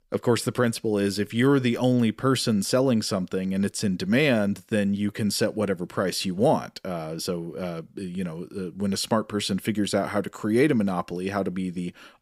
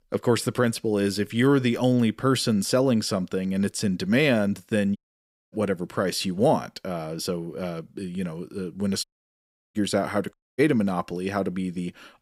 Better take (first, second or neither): first